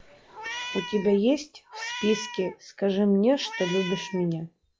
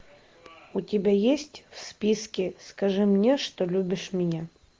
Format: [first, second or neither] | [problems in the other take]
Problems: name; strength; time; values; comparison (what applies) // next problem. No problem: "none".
second | noise reduction (classical method log-MMSE)